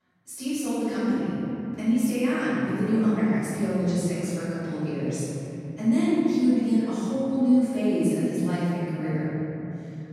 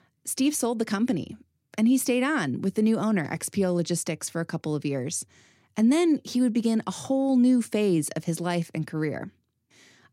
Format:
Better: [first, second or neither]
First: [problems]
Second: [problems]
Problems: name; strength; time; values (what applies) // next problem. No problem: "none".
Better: second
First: off-mic speech; far // room echo; strong; dies away in 3 s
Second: none